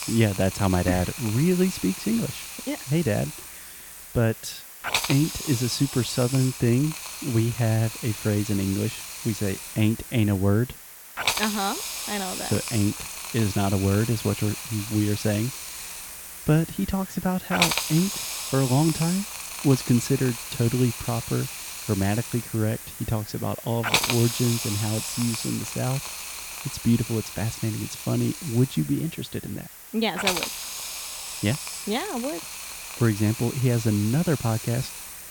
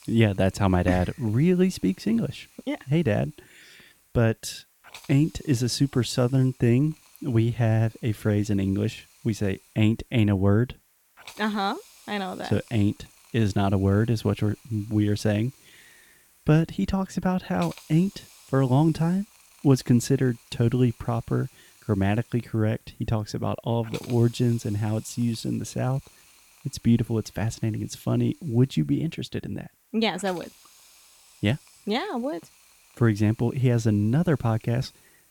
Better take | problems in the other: second | hiss; loud; throughout; 5 dB below the speech; faint in the second

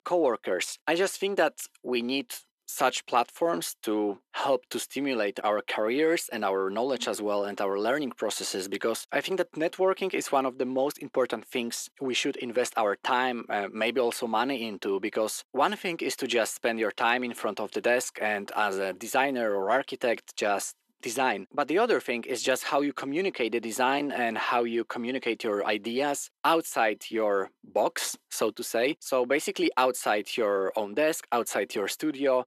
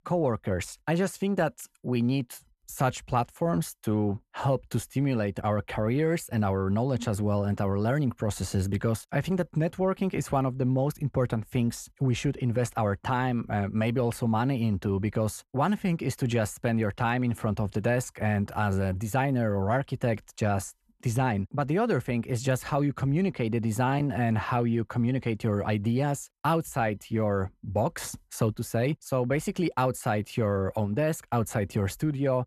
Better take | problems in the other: second | thin; somewhat; fading below 300 Hz

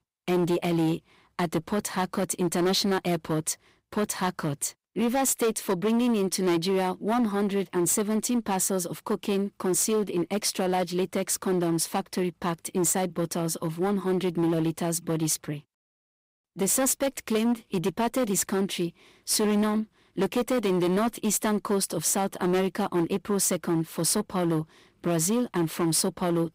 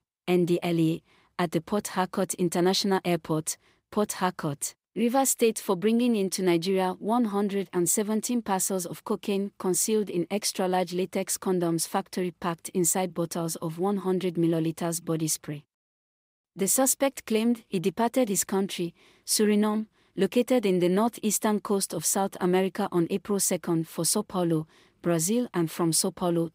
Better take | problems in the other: second | distortion; slight; 12% of the sound clipped

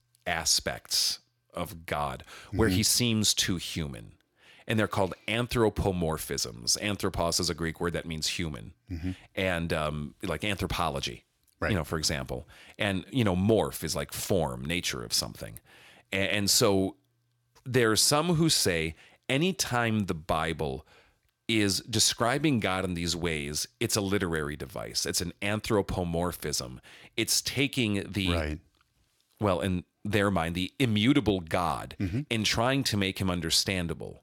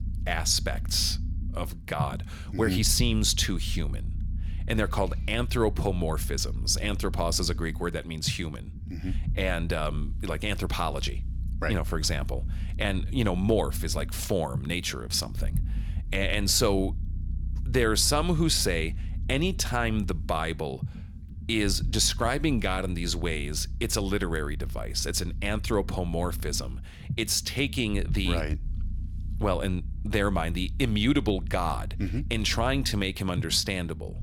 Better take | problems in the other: first | low rumble; faint; throughout; 20 dB below the speech

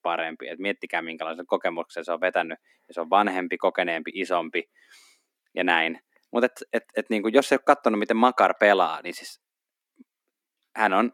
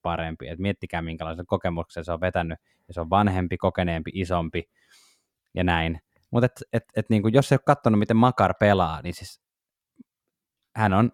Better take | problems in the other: second | thin; somewhat; fading below 250 Hz

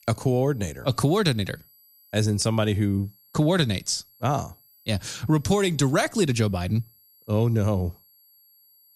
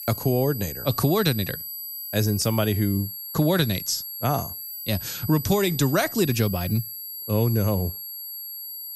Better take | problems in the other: first | high-pitched whine; loud; throughout; 11.5 kHz, 8 dB below the speech; faint in the first

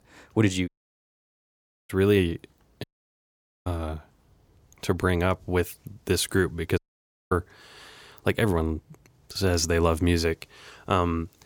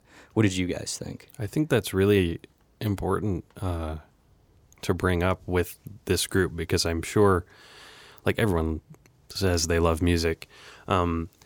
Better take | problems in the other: second | audio cutting out; at 0.5 s for 1 s, at 3 s for 1 s and at 7 s for 0.5 s

